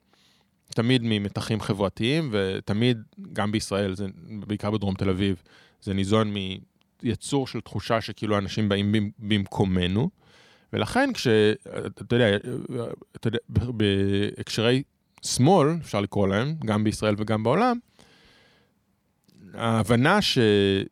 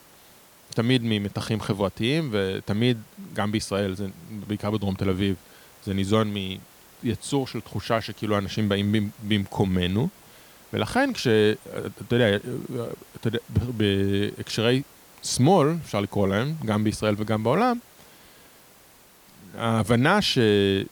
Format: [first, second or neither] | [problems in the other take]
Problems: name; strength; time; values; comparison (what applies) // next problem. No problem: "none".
first | hiss; faint; throughout; 25 dB below the speech